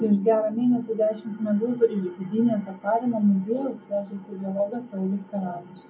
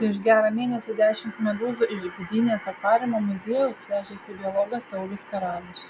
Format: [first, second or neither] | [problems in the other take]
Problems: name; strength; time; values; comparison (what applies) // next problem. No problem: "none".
second | room echo; dies away in 0.3 s